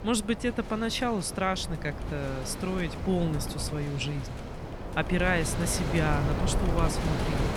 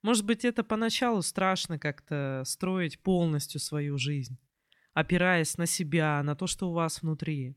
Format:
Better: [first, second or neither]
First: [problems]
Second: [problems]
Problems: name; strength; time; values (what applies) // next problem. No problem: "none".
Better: second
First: wind noise on the microphone; heavy; 6 dB below the speech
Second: none